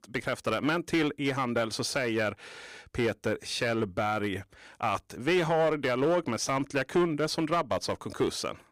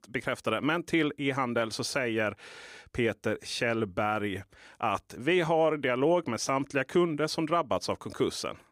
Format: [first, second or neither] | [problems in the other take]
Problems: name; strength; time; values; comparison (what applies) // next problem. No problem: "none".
second | distortion; slight; 4% of the sound clipped